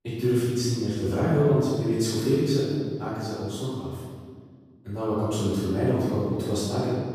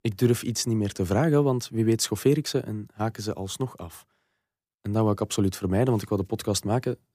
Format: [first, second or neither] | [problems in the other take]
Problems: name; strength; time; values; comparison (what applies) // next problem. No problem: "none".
second | room echo; strong; dies away in 1.7 s // off-mic speech; far